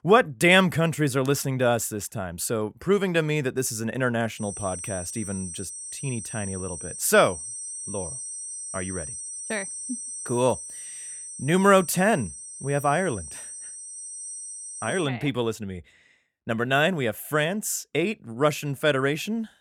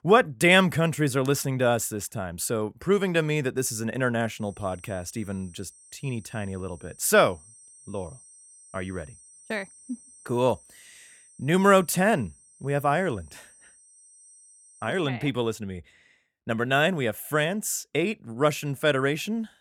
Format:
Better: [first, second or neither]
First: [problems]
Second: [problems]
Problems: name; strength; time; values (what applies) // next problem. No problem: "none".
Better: second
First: high-pitched whine; loud; from 4.5 to 15 s; 8.5 kHz, 10 dB below the speech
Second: high-pitched whine; faint; from 4.5 to 15 s; 8.5 kHz, 25 dB below the speech